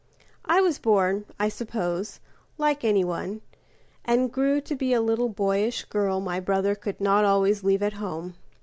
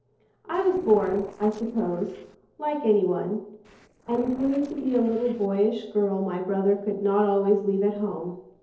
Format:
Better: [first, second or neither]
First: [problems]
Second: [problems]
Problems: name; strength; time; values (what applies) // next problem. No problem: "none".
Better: first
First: none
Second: noise reduction (neural separator model SepFormer DNS4)